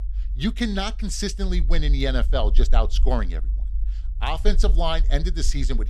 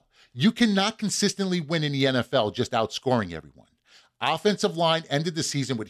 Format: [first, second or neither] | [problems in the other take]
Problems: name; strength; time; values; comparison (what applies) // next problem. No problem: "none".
second | low rumble; faint; throughout; 20 dB below the speech